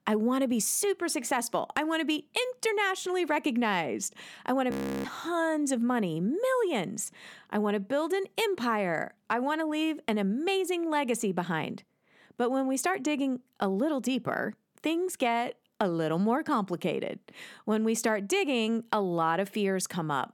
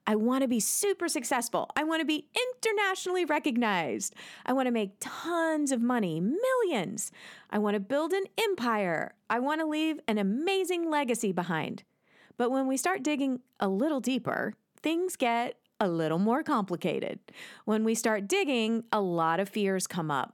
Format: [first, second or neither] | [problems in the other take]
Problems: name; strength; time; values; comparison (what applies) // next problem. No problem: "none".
second | audio freezing; at 4.5 s